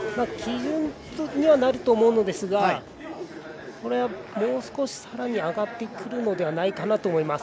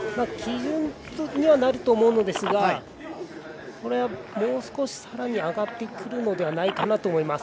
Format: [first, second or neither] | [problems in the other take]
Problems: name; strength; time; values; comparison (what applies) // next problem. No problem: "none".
first | background sound (Telephone); 15 dB below the speech